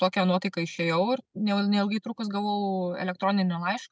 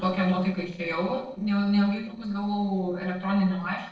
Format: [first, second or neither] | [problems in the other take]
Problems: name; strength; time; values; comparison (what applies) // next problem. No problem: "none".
first | noise reduction (neural separator model SepFormer DNS4)